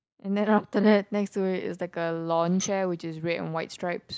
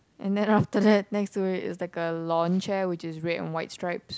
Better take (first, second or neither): second